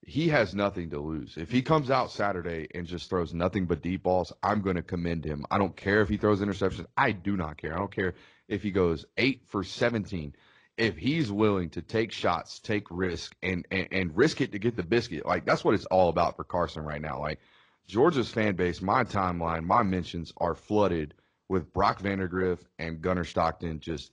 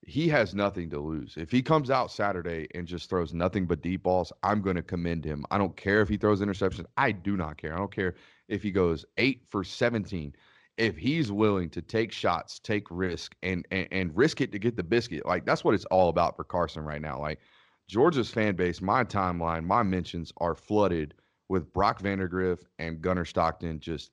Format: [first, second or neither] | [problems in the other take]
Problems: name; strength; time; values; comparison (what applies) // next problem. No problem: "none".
second | garbled, watery; slightly; nothing above 10 kHz